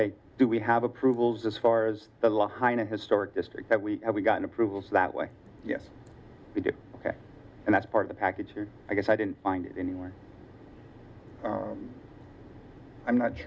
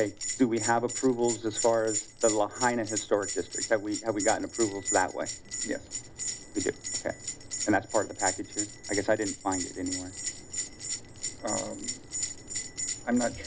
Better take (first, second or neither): first